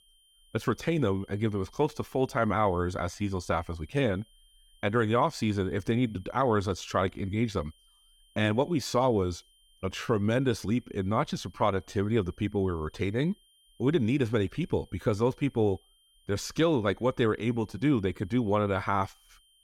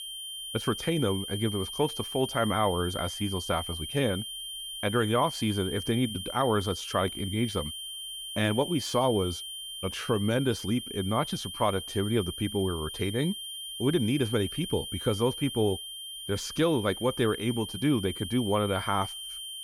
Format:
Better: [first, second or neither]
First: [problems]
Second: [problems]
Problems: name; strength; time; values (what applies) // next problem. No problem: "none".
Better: first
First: high-pitched whine; faint; throughout; 3 kHz, 35 dB below the speech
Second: high-pitched whine; loud; throughout; 3 kHz, 7 dB below the speech